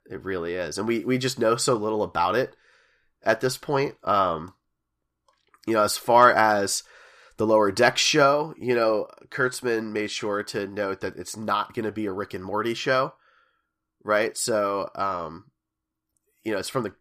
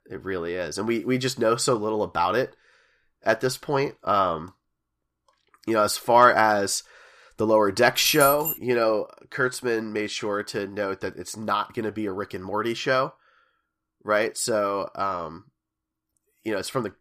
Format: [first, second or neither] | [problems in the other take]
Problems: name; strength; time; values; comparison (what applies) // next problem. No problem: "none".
first | jangling keys; noticeable; at 8 s; peak 2 dB below the speech